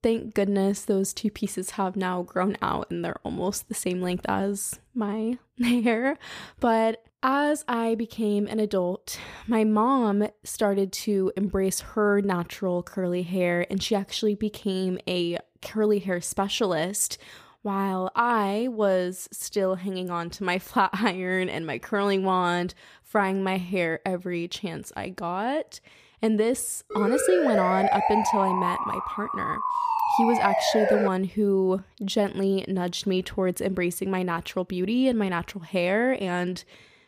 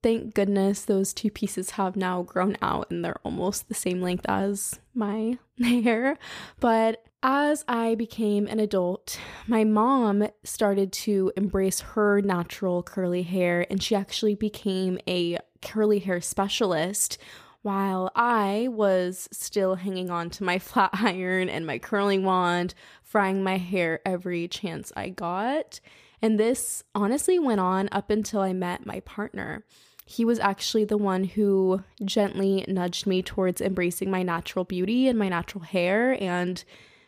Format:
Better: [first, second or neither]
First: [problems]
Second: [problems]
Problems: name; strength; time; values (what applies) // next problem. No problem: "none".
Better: second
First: siren; loud; from 27 to 31 s; peak 3 dB above the speech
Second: none